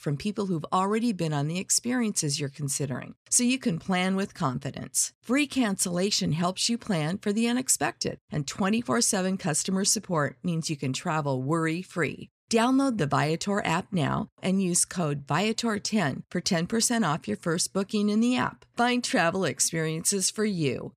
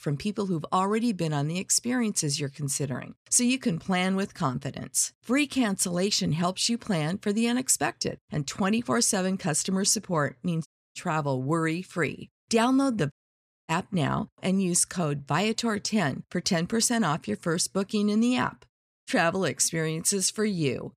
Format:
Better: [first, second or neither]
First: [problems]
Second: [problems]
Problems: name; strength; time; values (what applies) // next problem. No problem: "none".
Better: first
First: none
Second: audio cutting out; at 11 s, at 13 s for 0.5 s and at 19 s